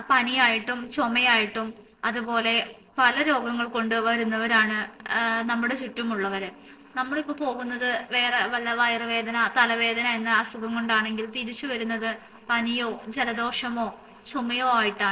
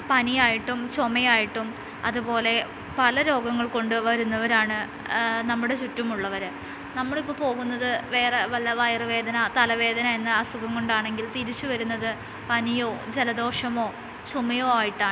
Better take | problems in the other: second | noise reduction (neural separator model SepFormer DNS4)

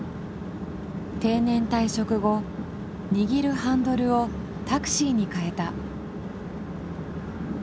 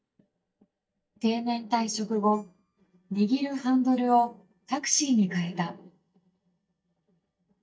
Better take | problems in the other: first | noise reduction (neural mask model DeepFilterNet 3)

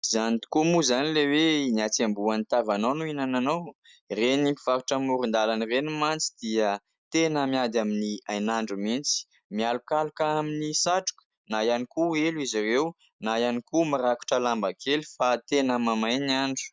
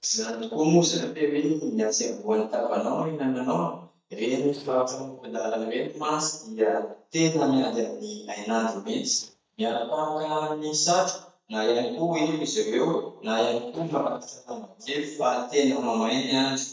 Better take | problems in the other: first | noise reduction (neural mask model DeepFilterNet 3)

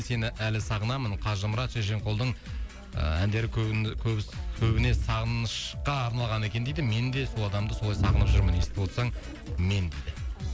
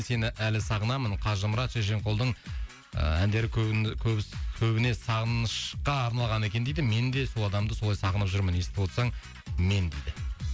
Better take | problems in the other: second | background sound (Crowd); 5 dB below the speech

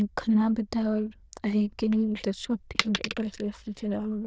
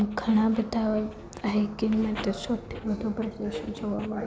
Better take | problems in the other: second | noise reduction (neural diffusion model UNIVERSE++)

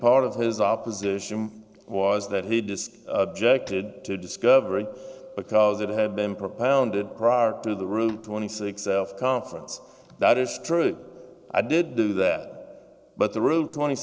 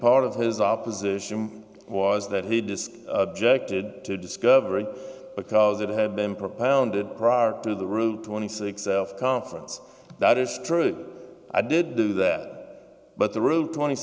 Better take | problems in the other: second | noise reduction (neural separator model SepFormer DNS4)

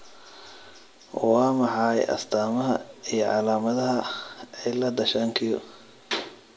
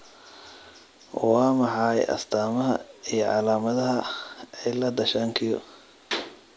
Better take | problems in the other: second | room echo; dies away in 1.9 s

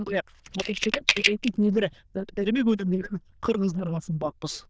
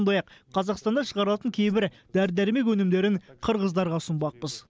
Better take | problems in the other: second | noise reduction (neural diffusion model UNIVERSE++)

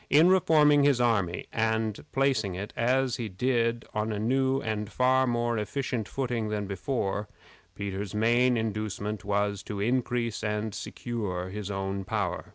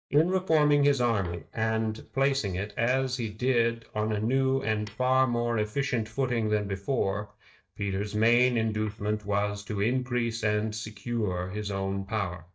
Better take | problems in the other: first | noise reduction (neural mask model DeepFilterNet 3)

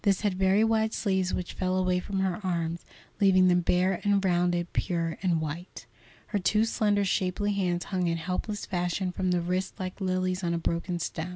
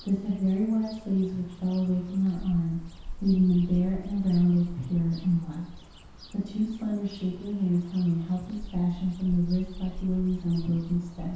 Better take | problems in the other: first | background sound (Cricket / Bird); 14 dB below the speech // room echo; dies away in 0.8 s

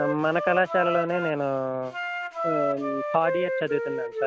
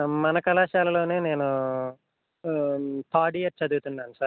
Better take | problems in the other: second | background sound (Wind instrument, woodwind instrument); 4 dB below the speech

